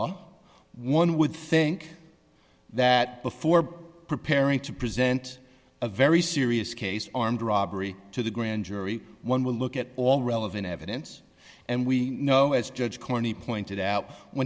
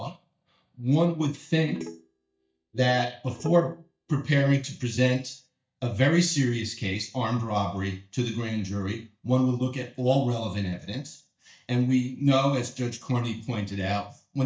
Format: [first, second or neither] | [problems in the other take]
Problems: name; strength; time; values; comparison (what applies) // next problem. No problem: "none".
first | noise reduction (neural mask model DeepFilterNet 3)